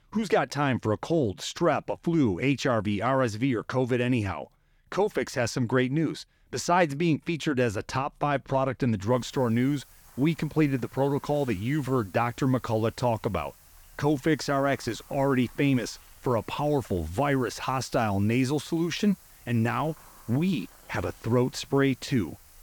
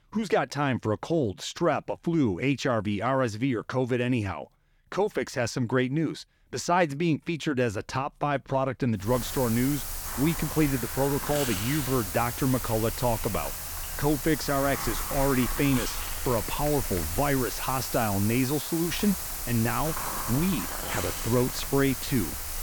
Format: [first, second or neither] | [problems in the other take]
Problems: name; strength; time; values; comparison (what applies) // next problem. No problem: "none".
first | hiss; loud; from 9 s on; 4 dB below the speech; faint in the first